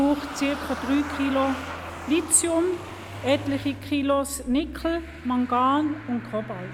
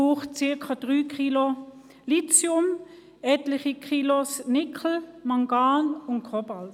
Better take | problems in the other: second | background sound (Engine starting / Motor vehicle (road)); 11 dB below the speech

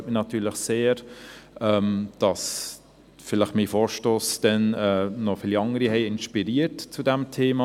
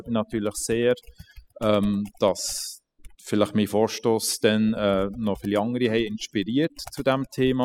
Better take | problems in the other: first | noise reduction (classical method spectral subtraction)

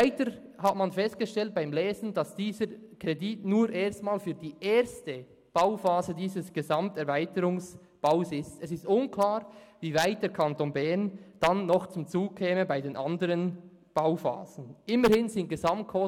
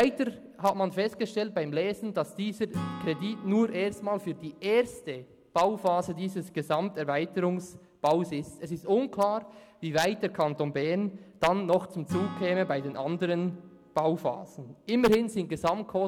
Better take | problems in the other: first | background sound (Acoustic guitar / Strum); 18 dB below the speech

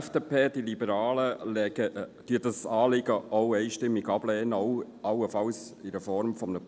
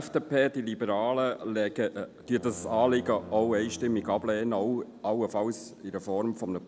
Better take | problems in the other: first | background sound (Brass instrument); 17 dB below the speech

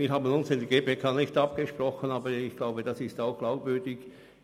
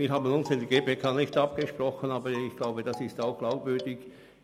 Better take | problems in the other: first | background sound (Marimba, xylophone); 16 dB below the speech

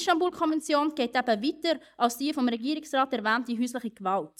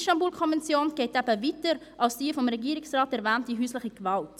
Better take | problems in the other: second | noise reduction (neural mask model DeepFilterNet 3)

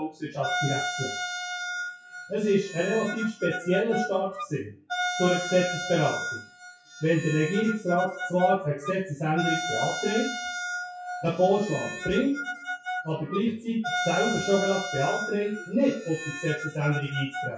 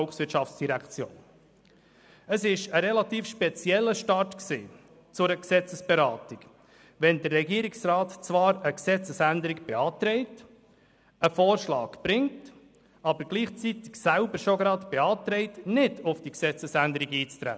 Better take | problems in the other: second | noise reduction (classical method WPE with log-MMSE)

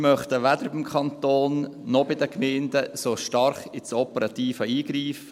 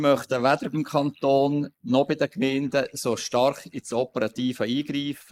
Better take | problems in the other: first | noise reduction (neural mask model Resemble Enhance denoiser)

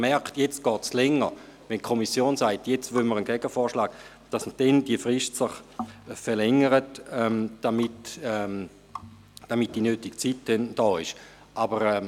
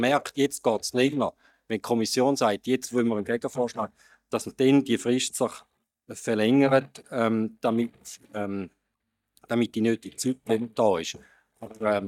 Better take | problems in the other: first | noise reduction (neural mask model DeepFilterNet 3)

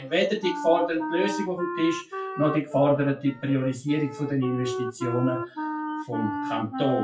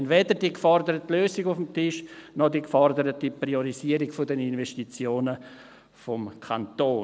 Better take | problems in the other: second | noise reduction (classical method WPE with log-MMSE)

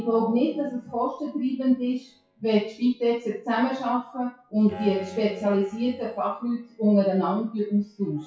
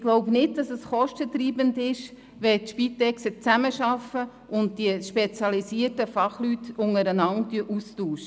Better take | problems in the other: second | noise reduction (classical method WPE with log-MMSE)

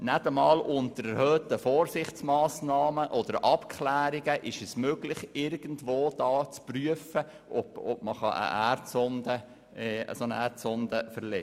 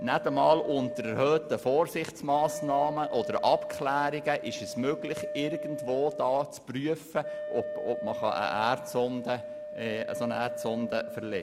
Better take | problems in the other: first | background sound (Wind instrument, woodwind instrument); 8 dB below the speech

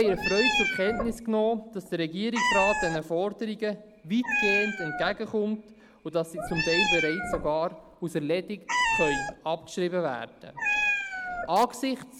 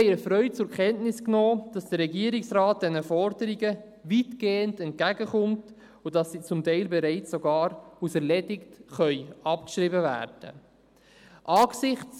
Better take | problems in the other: second | background sound (Meow); 2 dB below the speech

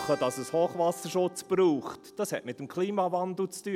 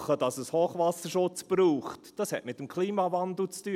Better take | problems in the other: second | background sound (Keyboard (musical)); 18 dB below the speech

